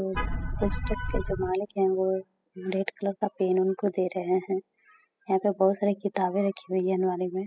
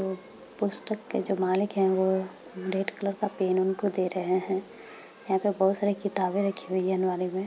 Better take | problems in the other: second | noise reduction (classical method spectral subtraction)

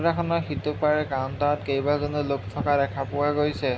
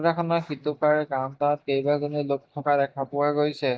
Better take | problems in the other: first | noise reduction (neural mask model DeepFilterNet 3)

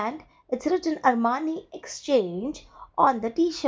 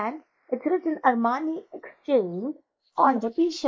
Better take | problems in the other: first | noise reduction (neural mask model Resemble Enhance denoiser)

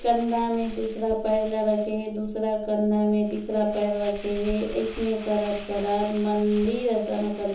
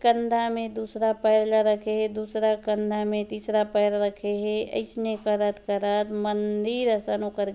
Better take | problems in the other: second | background sound (Crumpling, crinkling); 16 dB below the speech // room echo; dies away in 0.7 s

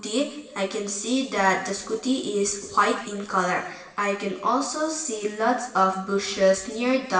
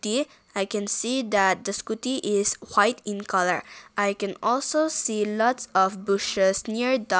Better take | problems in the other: second | room echo; dies away in 1 s

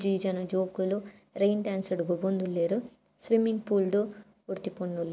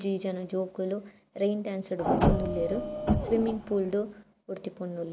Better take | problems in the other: first | background sound (Printer); 2 dB above the speech

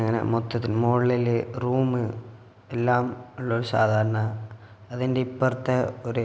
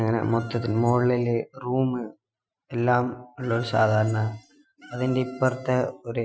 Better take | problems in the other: first | noise reduction (classical method Wiener filter)

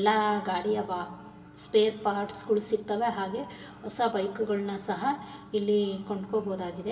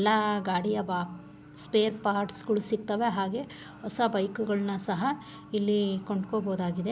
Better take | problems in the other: second | room echo; dies away in 2.1 s

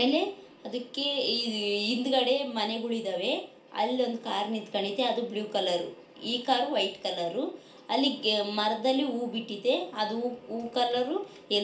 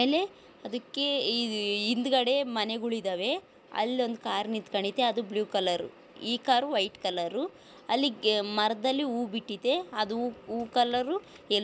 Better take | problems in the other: second | room echo; dies away in 0.4 s

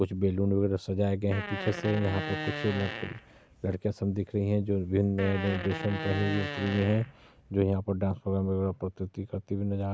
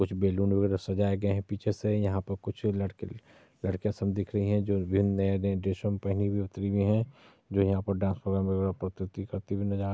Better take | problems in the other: second | background sound (Fart); 8 dB below the speech

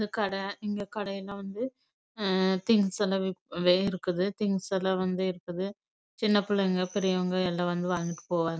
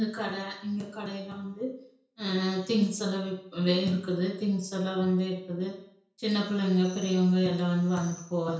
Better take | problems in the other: first | room echo; dies away in 0.5 s

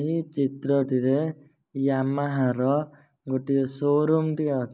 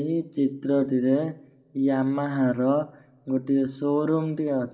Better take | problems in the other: first | room echo; dies away in 0.5 s

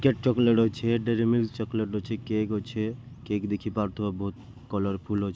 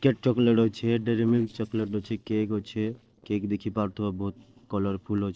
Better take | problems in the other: first | noise reduction (neural separator model SepFormer DNS4)

